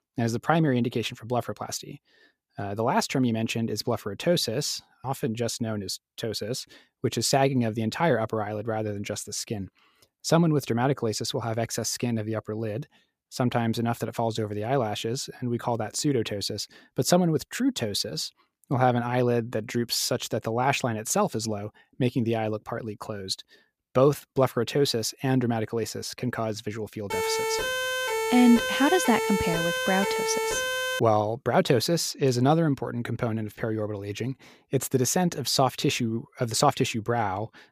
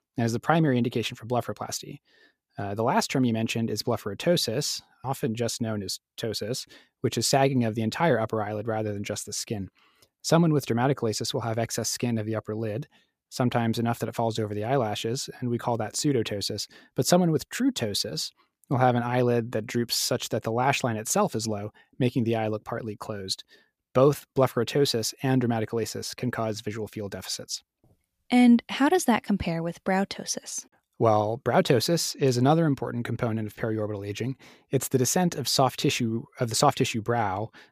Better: second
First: siren; noticeable; from 27 to 31 s; peak level with the speech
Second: none

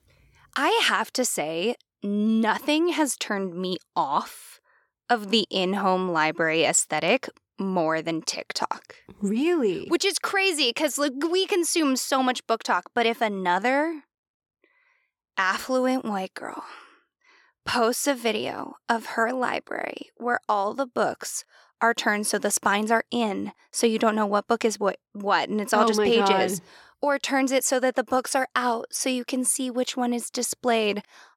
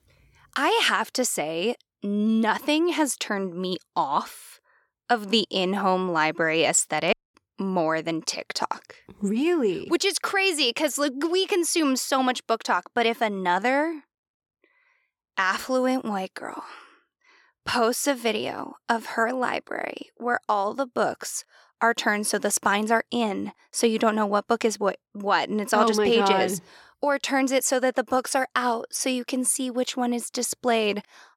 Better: first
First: none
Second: audio cutting out; at 7 s

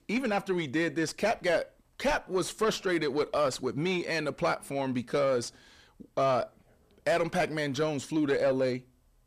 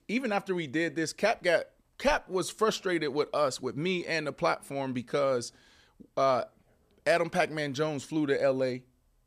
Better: second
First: distortion; slight; 10 dB below the speech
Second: none

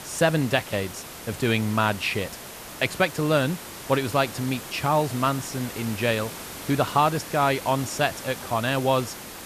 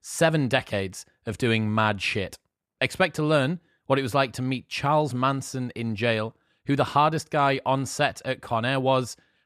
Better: second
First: hiss; noticeable; throughout; 10 dB below the speech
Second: none

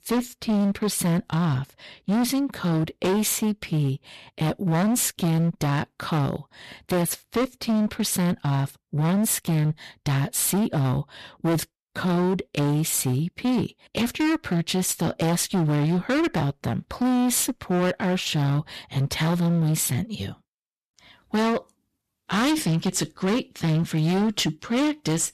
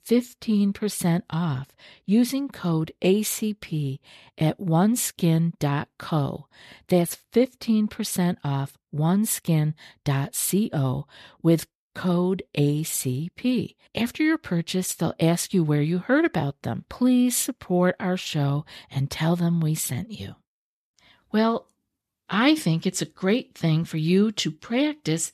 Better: second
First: distortion; heavy; 22% of the sound clipped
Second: none

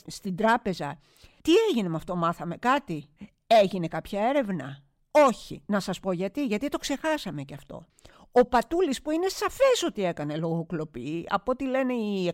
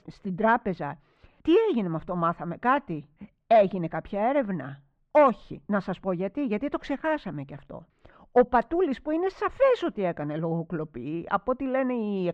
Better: first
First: none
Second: muffled; very; fading above 1.5 kHz

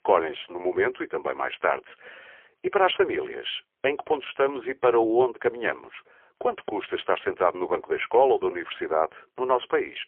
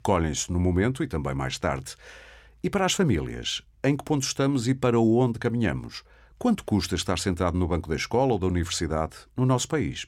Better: second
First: phone-call audio; poor line; nothing above 3.5 kHz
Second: none

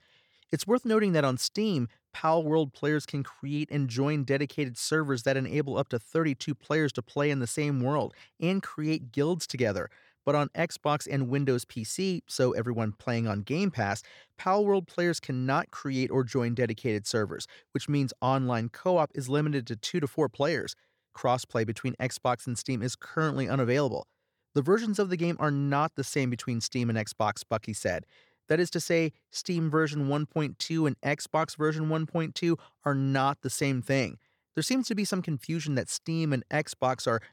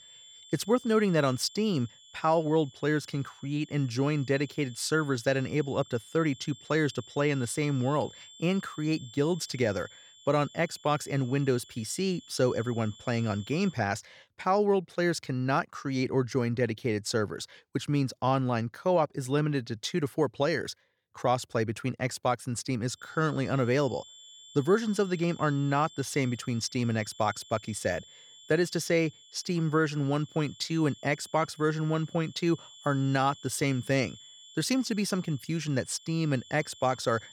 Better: first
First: none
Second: high-pitched whine; faint; until 14 s and from 23 s on; 3.5 kHz, 20 dB below the speech

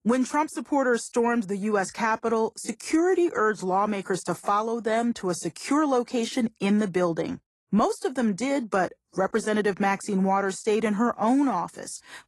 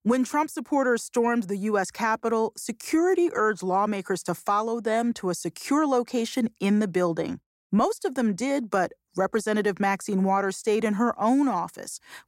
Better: second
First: garbled, watery; slightly; nothing above 11 kHz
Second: none

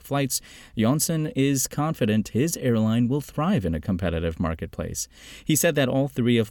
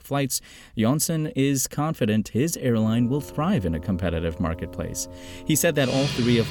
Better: first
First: none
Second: background music; noticeable; from 2.5 s on; 10 dB below the speech

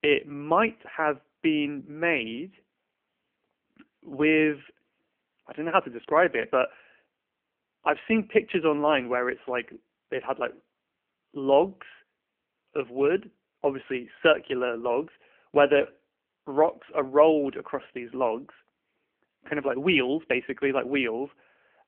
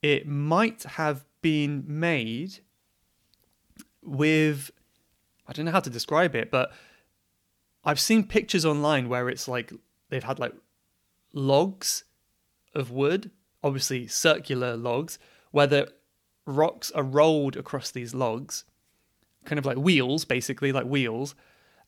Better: second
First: phone-call audio; poor line; nothing above 3 kHz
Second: none

